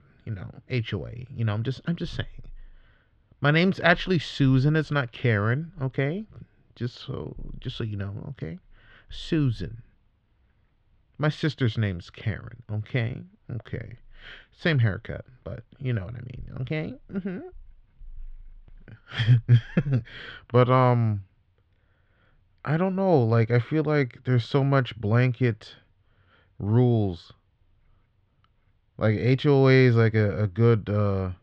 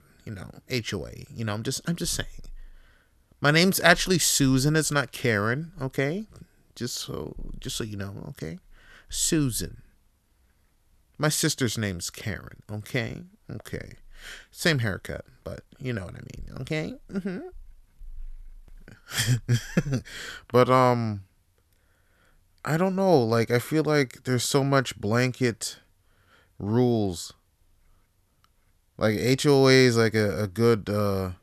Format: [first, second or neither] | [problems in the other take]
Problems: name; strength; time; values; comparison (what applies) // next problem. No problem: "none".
second | muffled; slightly; fading above 3.5 kHz